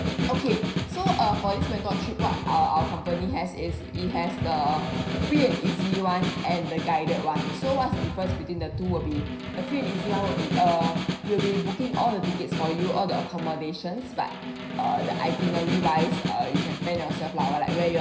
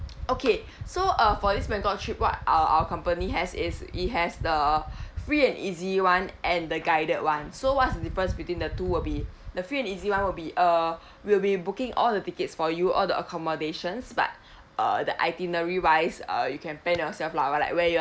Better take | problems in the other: second | background sound (Snare drum); 3 dB below the speech // room echo; dies away in 0.9 s

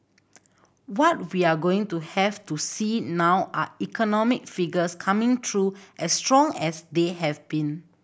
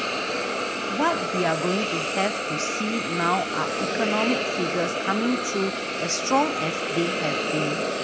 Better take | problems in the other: first | background sound (Hiss); 1 dB above the speech

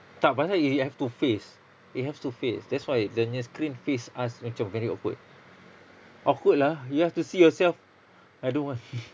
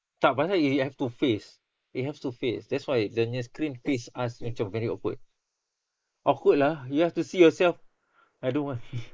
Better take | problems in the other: first | noise reduction (neural mask model Resemble Enhance denoiser)

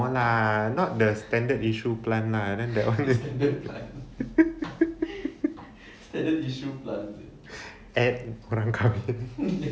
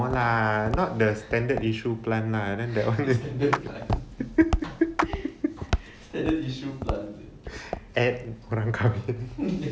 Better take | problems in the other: first | background sound (Walk, footsteps + Clapping); 8 dB below the speech

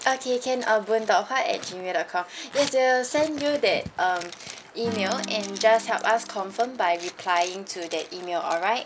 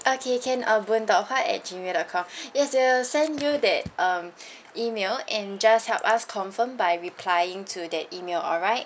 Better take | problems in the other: second | background sound (Zipper (clothing) + Acoustic guitar / Strum); 15 dB below the speech

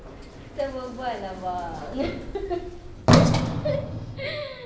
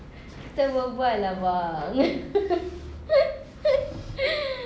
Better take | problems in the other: second | background sound (Sliding door); 5 dB above the speech // room echo; dies away in 1.3 s

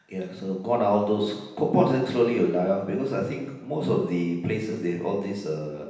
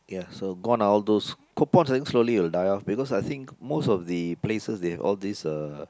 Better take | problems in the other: second | room echo; dies away in 0.9 s

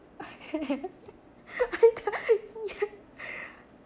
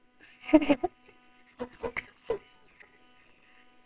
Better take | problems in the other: first | noise reduction (neural separator model SepFormer WHAMR!)

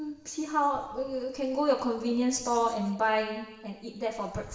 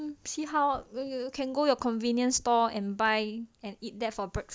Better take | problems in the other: second | room echo; dies away in 1.3 s

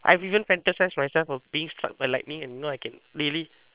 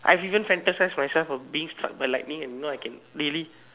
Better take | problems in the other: second | noise reduction (neural separator model SepFormer WHAM!)

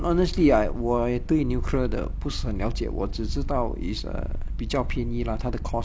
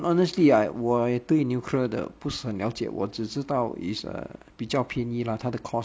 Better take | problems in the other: second | background sound (Purr); 2 dB below the speech

